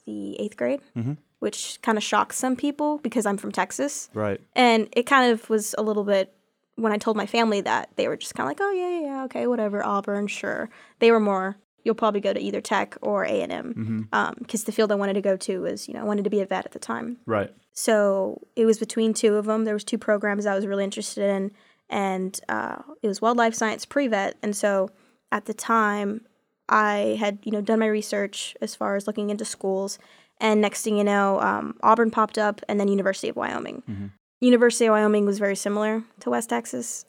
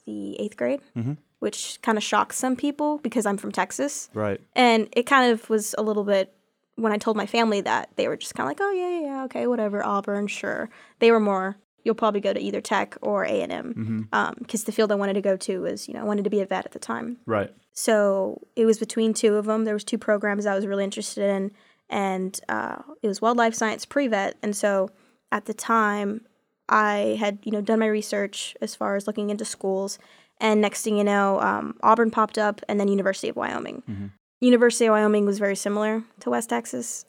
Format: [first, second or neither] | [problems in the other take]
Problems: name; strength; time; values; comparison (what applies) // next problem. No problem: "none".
neither | none